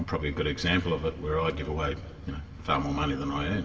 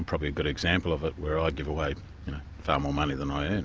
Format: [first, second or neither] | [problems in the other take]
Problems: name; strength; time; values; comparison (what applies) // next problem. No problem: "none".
second | room echo; dies away in 2 s